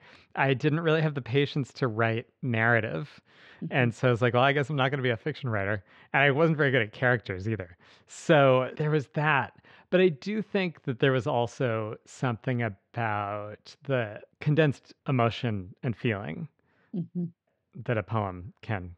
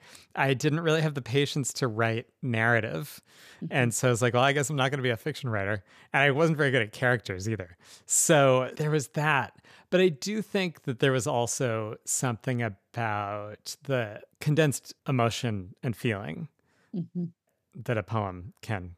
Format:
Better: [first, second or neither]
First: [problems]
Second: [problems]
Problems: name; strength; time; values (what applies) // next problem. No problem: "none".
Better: second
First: muffled; very; fading above 3.5 kHz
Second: none